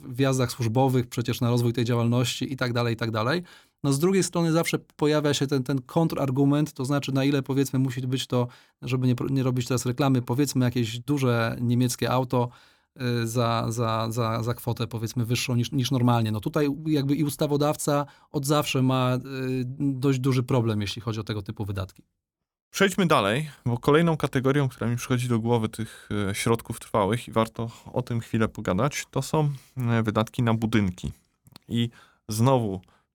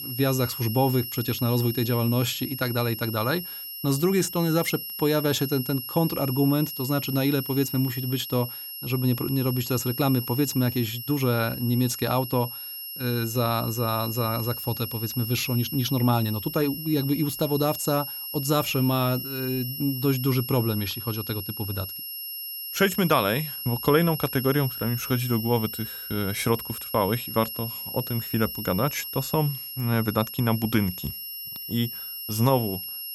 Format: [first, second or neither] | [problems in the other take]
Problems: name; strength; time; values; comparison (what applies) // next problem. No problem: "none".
first | high-pitched whine; loud; throughout; 11.5 kHz, 7 dB below the speech